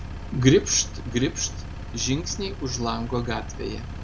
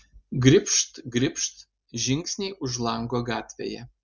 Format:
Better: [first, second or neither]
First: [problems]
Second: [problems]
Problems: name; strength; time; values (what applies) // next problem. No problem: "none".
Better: second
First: background sound (Engine); 8 dB below the speech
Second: none